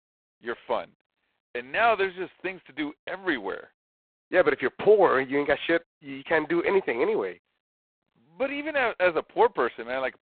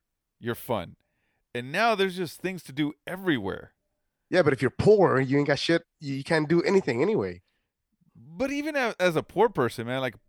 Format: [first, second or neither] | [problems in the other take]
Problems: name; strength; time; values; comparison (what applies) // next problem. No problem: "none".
second | phone-call audio; poor line; nothing above 4 kHz